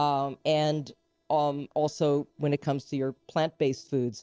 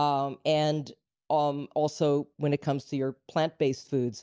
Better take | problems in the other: second | noise reduction (neural separator model SepFormer DNS4)

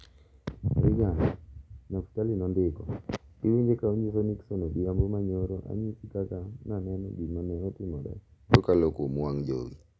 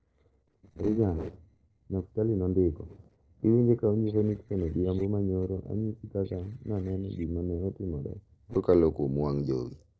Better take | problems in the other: first | noise reduction (neural separator model SepFormer DNS4)

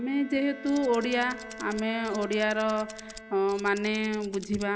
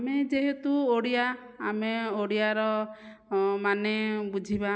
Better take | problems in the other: second | background sound (Bowed string instrument + Tools); 15 dB below the speech

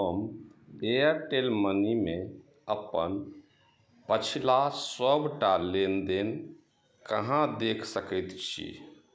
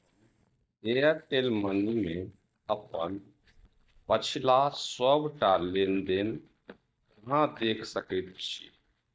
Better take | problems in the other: first | noise reduction (neural mask model DeepFilterNet 3)

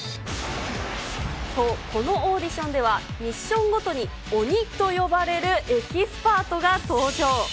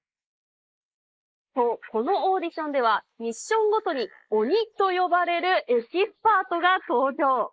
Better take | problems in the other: first | noise reduction (neural mask model Resemble Enhance denoiser)

